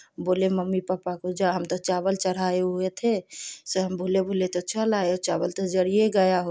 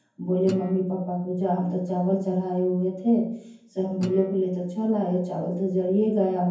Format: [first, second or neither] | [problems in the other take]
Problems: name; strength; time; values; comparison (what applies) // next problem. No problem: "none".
first | background sound (Guitar); 19 dB below the speech // room echo; dies away in 0.9 s